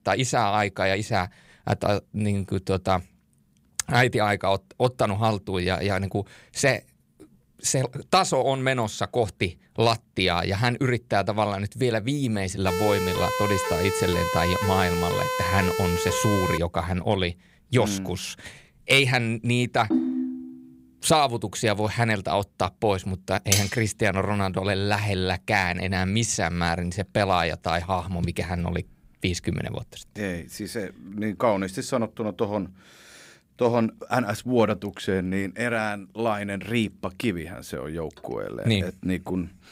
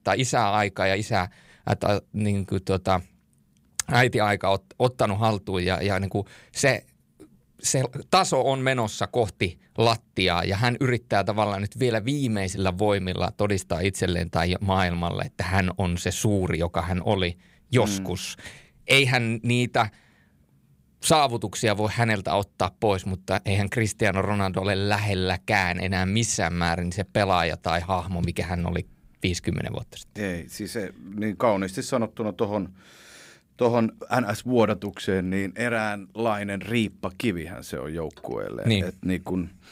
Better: second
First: siren; noticeable; from 13 to 17 s; peak 1 dB below the speech // phone ringing; loud; at 20 s; peak level with the speech // clattering dishes; loud; at 24 s; peak 2 dB above the speech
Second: none

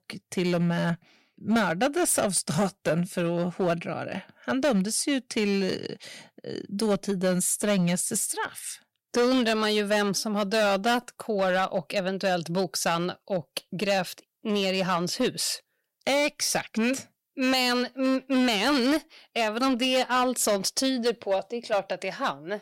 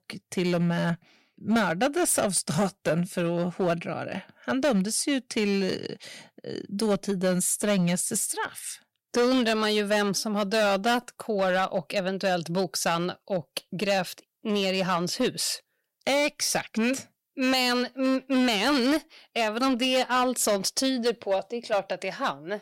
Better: neither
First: distortion; slight; 7% of the sound clipped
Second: distortion; slight; 7% of the sound clipped

